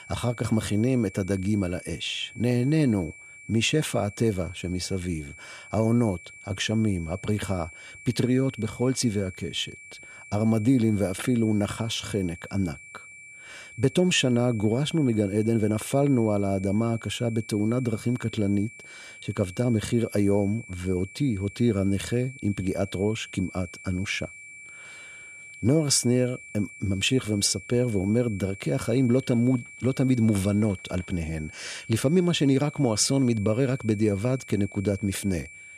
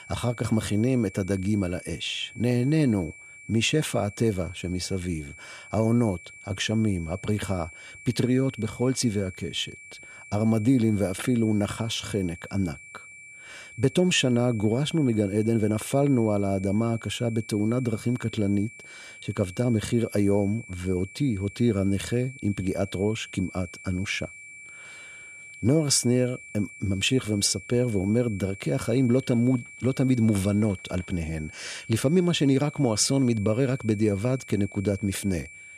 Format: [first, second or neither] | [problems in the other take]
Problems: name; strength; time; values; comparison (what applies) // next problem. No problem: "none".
neither | high-pitched whine; noticeable; throughout; 2.5 kHz, 15 dB below the speech; the same in both